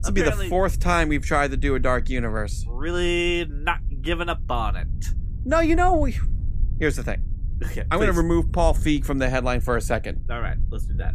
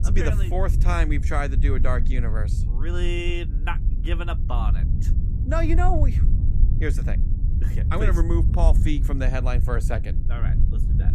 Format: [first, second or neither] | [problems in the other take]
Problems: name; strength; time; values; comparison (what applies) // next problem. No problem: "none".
first | low rumble; loud; throughout; 10 dB below the speech; faint in the first